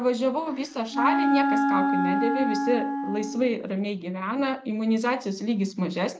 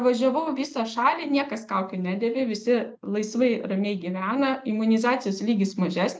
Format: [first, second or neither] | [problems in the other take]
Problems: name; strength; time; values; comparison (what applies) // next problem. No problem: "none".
second | background sound (Wind instrument, woodwind instrument); 1 dB above the speech